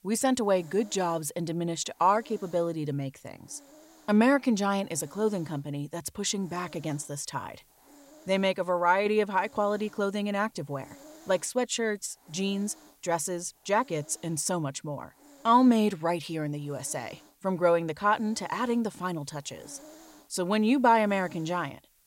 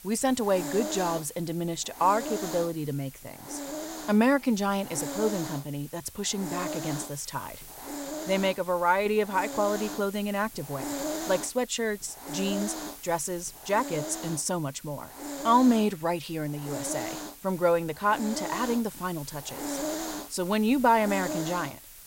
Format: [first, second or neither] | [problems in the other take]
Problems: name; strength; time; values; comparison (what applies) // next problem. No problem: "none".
first | hiss; loud; throughout; 9 dB below the speech; faint in the first